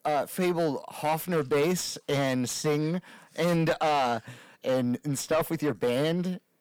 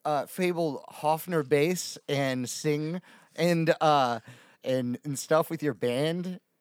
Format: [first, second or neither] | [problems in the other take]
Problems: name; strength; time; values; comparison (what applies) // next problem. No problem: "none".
second | distortion; heavy; 8 dB below the speech